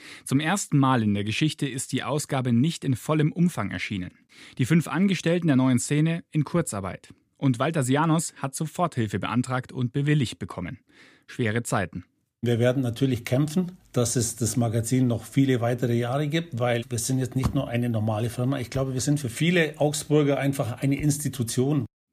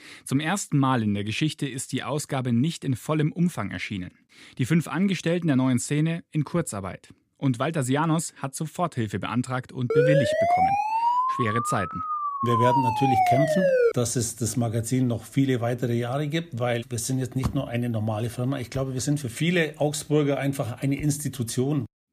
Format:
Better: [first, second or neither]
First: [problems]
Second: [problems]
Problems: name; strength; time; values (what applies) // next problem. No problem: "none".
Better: first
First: none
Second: siren; loud; from 10 to 14 s; peak 5 dB above the speech